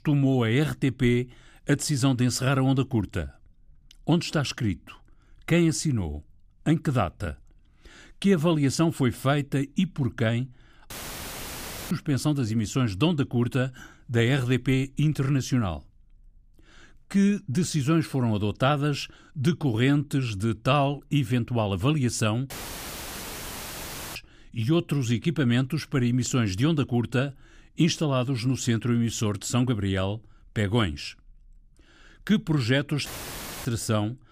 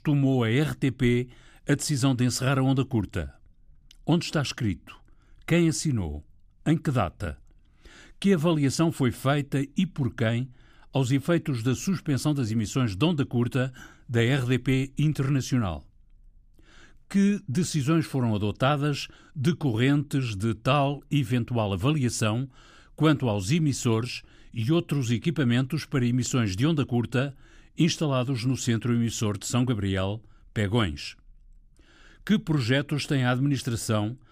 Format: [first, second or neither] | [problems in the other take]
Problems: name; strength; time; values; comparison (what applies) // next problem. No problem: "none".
second | audio cutting out; filled with static; at 11 s for 1 s, at 23 s for 1.5 s and at 33 s for 0.5 s